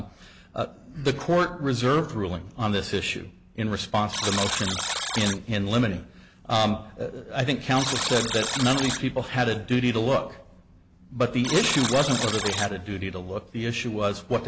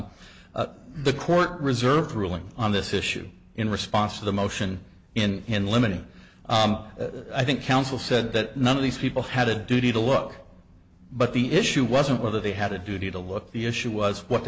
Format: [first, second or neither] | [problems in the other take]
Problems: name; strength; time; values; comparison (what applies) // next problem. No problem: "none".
second | background sound (Alarm); 6 dB below the speech